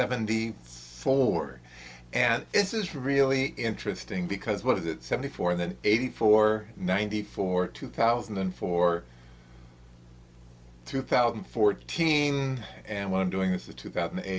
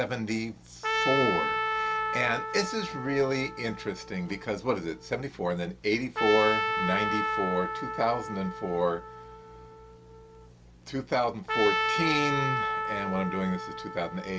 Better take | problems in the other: first | background sound (Trumpet); 2 dB below the speech

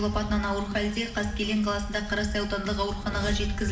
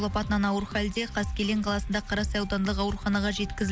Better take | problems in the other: second | background sound (Whoosh, swoosh, swish); 9 dB below the speech // room echo; dies away in 1.1 s

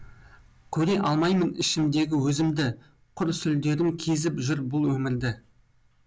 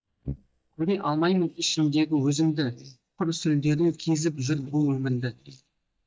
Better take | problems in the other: first | noise reduction (neural mask model DeepFilterNet 3)

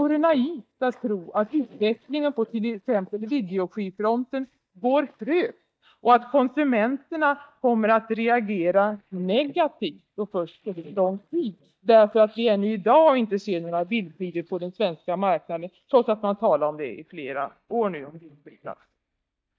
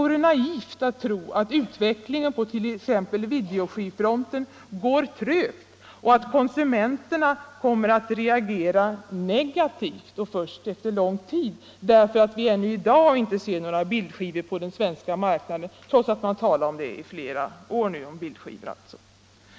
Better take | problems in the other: second | noise reduction (neural mask model DeepFilterNet 3)

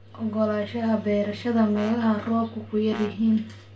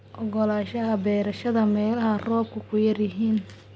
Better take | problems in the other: second | background sound (Brass instrument); 18 dB below the speech // room echo; dies away in 0.3 s

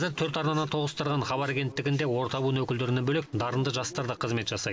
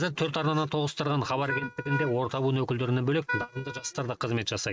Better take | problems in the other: first | noise reduction (neural mask model RNNoise)

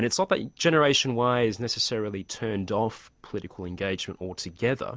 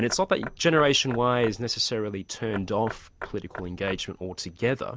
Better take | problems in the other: first | background sound (Knock / Wood); 16 dB below the speech

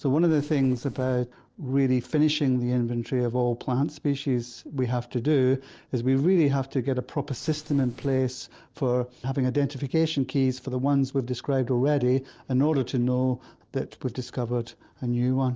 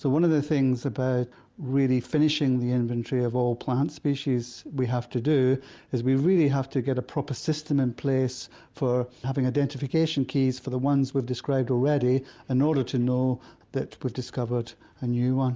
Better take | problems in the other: second | noise reduction (neural separator model SepFormer DNS4)

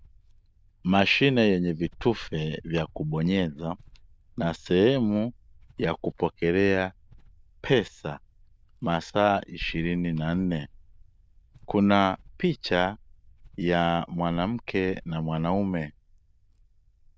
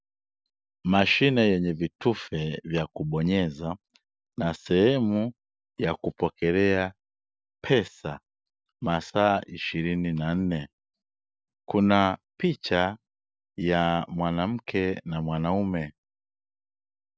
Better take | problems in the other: second | noise reduction (neural diffusion model UNIVERSE++)

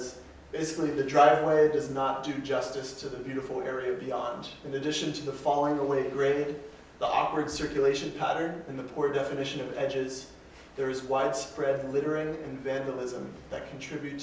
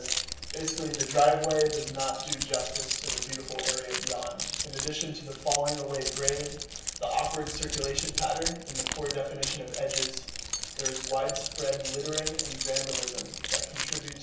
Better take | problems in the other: first | background sound (Keys jangling); 1 dB below the speech // room echo; dies away in 0.2 s

